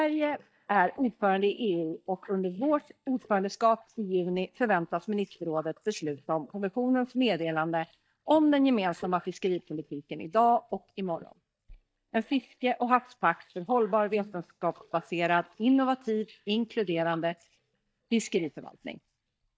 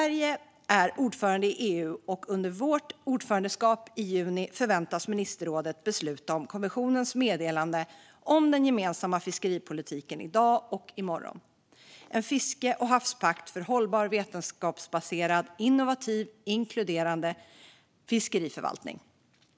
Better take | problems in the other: second | noise reduction (neural mask model DeepFilterNet 3)

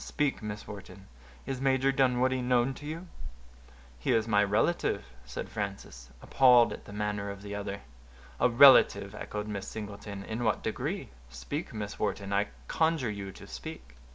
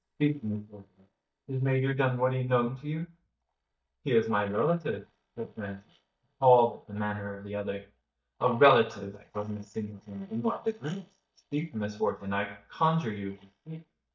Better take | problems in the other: first | noise reduction (neural mask model DeepFilterNet 3)

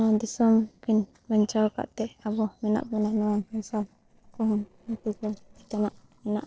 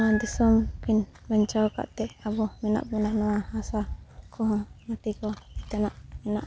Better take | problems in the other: second | noise reduction (neural separator model SepFormer DNS4)

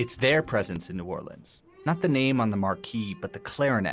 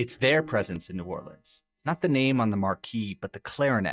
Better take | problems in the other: first | noise reduction (neural mask model DeepFilterNet 3)

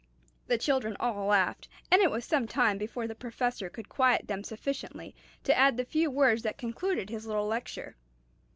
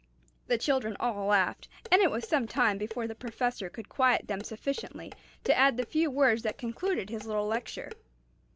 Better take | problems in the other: first | background sound (Dishes, pots, and pans); 17 dB below the speech

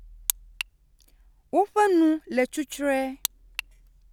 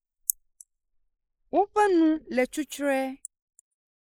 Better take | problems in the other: first | noise reduction (neural mask model Resemble Enhance denoiser)

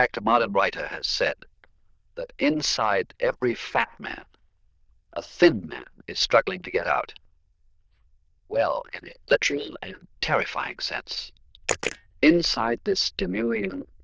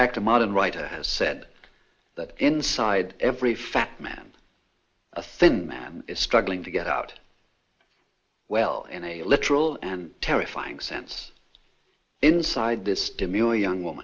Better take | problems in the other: second | noise reduction (neural diffusion model UNIVERSE++)

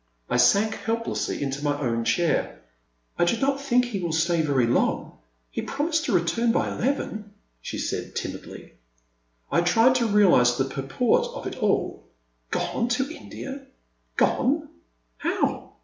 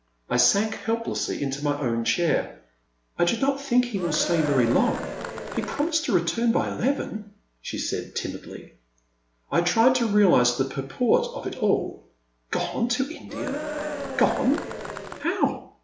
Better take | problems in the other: first | background sound (Cheering); 7 dB below the speech

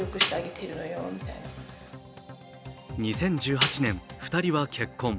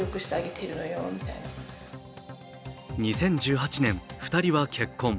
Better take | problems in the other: second | background sound (Snare drum); 3 dB below the speech

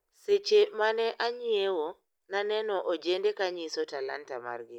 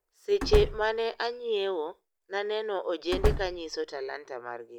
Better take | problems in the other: first | background sound (Slam); 1 dB below the speech

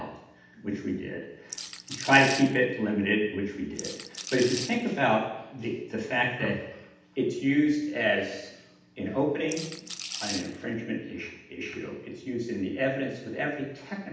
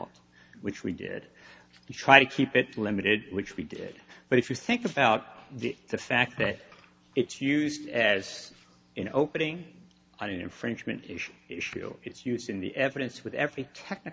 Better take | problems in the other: second | background sound (Rattle / Rattle (instrument)); 9 dB below the speech // room echo; dies away in 0.8 s

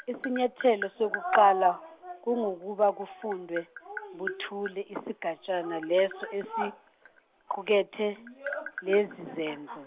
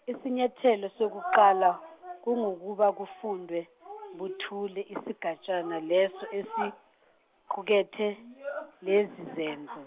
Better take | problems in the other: second | background sound (Tap); 16 dB below the speech

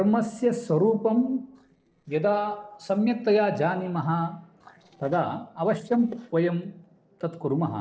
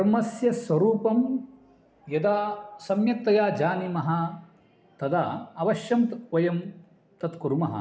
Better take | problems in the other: second | noise reduction (neural separator model SepFormer DNS4)

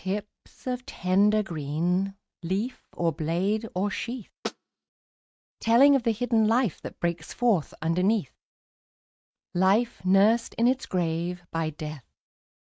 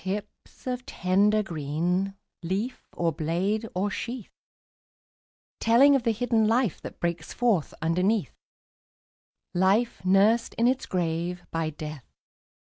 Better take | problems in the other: second | noise reduction (neural mask model RNNoise)

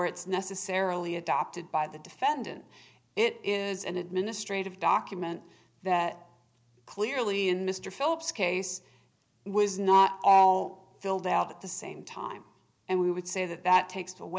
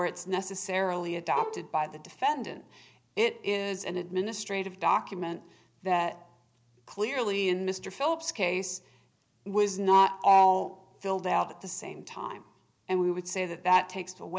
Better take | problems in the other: first | background sound (Bowed string instrument); 11 dB below the speech

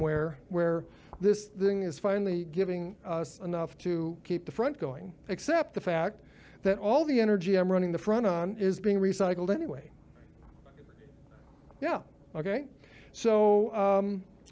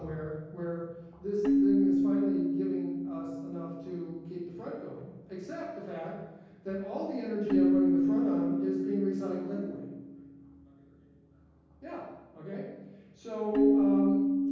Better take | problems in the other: first | background sound (Keyboard (musical)); 4 dB above the speech // room echo; dies away in 1.3 s

